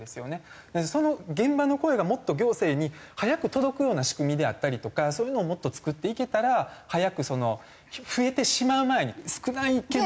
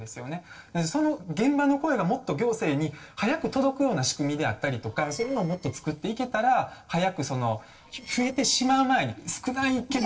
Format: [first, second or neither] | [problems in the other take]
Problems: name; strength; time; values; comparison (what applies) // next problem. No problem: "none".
first | noise reduction (neural separator model SepFormer DNS4)